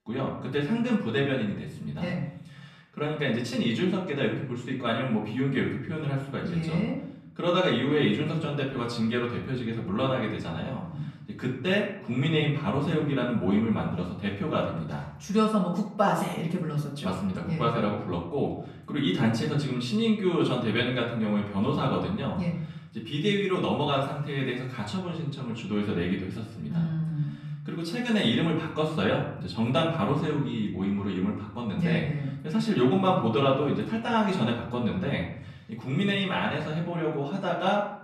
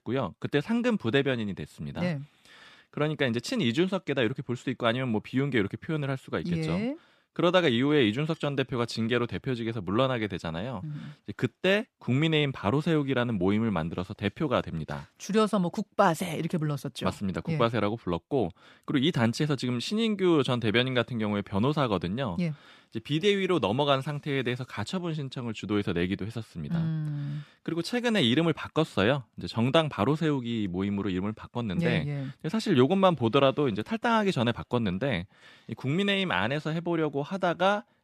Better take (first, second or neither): second